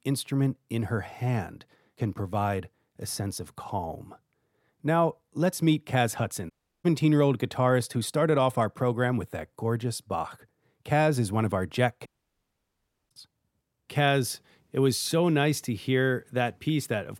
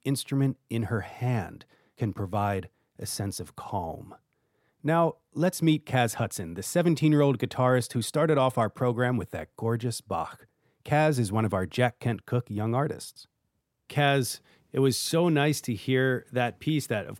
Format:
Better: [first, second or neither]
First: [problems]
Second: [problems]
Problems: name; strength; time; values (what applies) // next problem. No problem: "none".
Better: second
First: audio cutting out; at 6.5 s and at 12 s for 1 s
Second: none